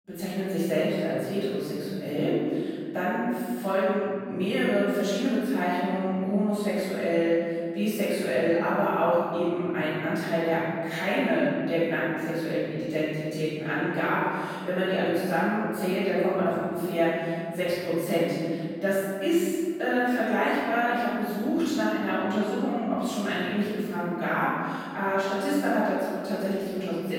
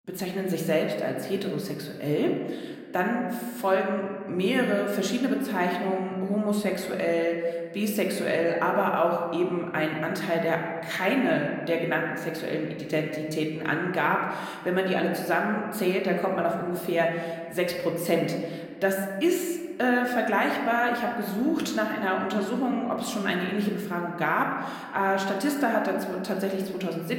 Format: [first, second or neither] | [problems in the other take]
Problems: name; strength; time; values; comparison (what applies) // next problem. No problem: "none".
second | room echo; strong; dies away in 2.1 s; slight in the second // off-mic speech; far; somewhat distant in the second